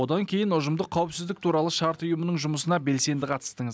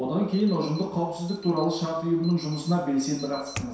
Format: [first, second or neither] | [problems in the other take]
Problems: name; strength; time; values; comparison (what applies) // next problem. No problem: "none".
first | background sound (Alarm); 17 dB below the speech // room echo; dies away in 0.7 s